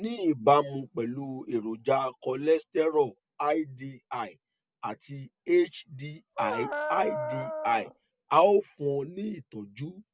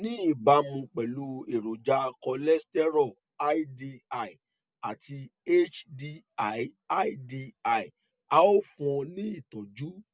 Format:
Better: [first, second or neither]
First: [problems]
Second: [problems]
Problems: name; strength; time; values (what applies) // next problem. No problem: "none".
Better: second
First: background sound (Dog); 5 dB below the speech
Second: none